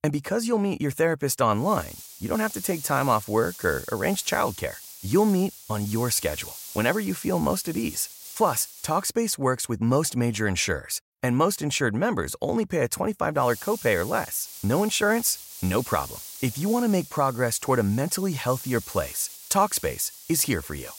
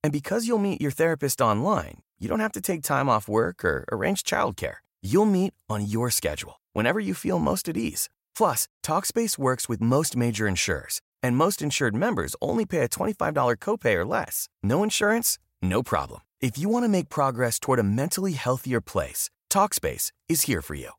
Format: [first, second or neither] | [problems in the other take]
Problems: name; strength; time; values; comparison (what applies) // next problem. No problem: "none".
second | hiss; noticeable; from 1.5 to 9 s and from 13 s on; 15 dB below the speech